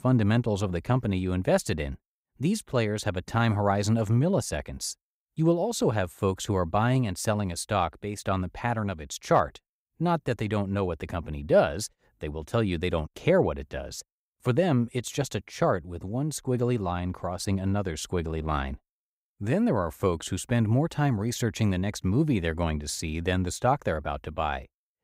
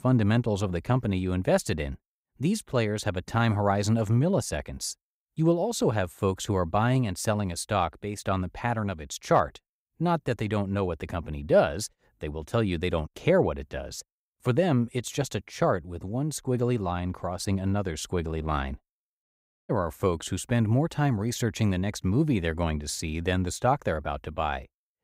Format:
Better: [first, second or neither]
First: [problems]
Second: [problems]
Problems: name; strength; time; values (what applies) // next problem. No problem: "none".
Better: first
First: none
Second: audio cutting out; at 19 s